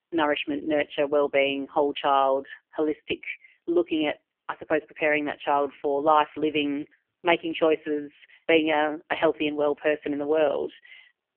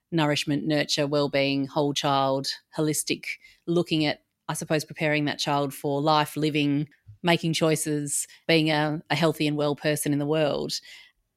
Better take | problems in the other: second | phone-call audio; poor line; nothing above 3 kHz

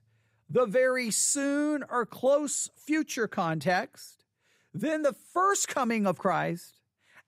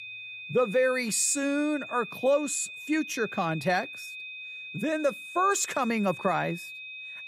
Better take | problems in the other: first | high-pitched whine; noticeable; throughout; 2.5 kHz, 10 dB below the speech

